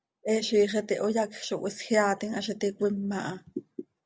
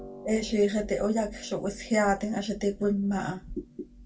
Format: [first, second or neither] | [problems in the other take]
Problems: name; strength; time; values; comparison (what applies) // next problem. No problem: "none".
first | background sound (Harp); 17 dB below the speech // room echo; dies away in 0.2 s